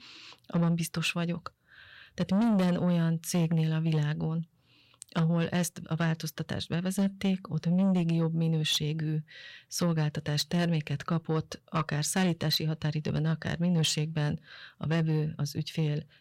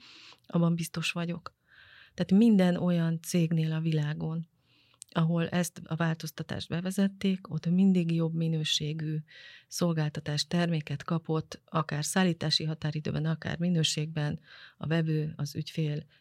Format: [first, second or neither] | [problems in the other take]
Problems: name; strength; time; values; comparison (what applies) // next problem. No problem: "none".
second | distortion; slight; 10 dB below the speech